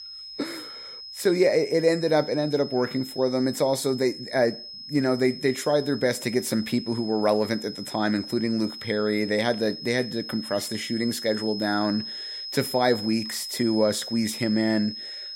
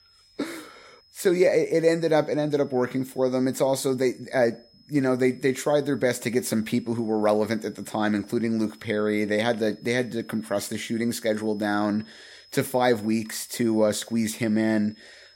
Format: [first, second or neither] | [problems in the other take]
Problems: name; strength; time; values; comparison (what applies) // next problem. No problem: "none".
second | high-pitched whine; loud; throughout; 5 kHz, 10 dB below the speech; faint in the second